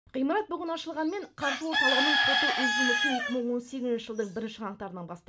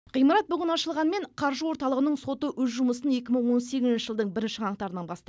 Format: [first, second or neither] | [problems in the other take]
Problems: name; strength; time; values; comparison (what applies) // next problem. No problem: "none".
second | background sound (Bird / Chicken, rooster); 3 dB above the speech // room echo; dies away in 0.2 s